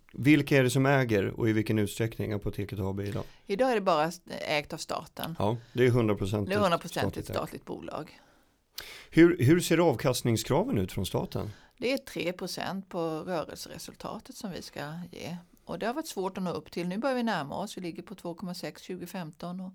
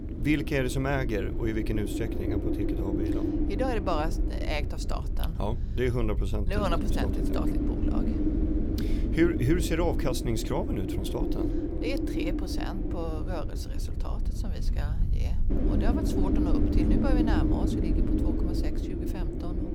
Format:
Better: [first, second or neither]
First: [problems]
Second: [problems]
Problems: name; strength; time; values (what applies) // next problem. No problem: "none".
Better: first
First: none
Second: wind noise on the microphone; heavy; 2 dB below the speech